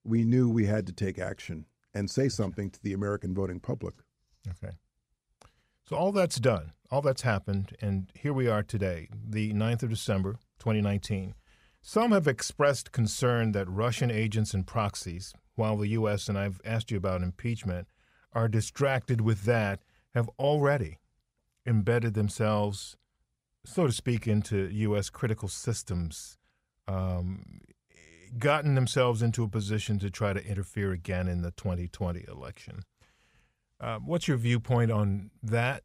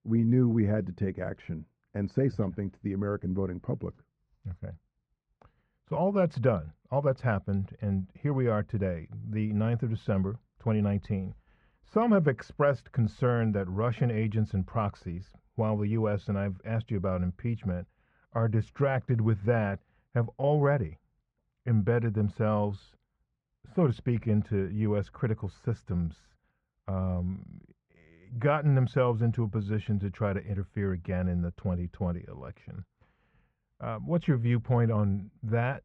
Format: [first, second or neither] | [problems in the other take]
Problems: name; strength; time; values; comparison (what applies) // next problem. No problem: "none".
first | muffled; very; fading above 1.5 kHz